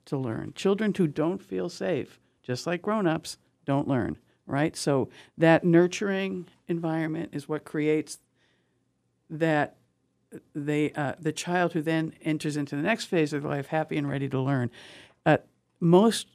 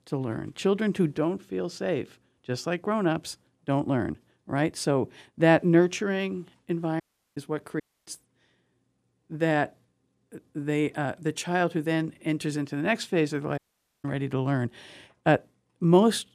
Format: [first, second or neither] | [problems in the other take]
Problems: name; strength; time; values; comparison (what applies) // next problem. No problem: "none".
first | audio cutting out; at 7 s, at 8 s and at 14 s